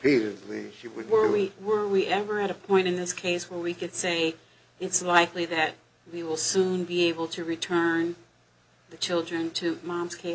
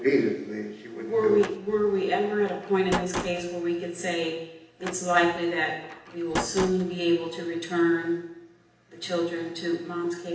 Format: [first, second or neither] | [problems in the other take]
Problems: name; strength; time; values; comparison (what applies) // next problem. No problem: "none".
first | background sound (Slam); 10 dB below the speech // room echo; dies away in 0.8 s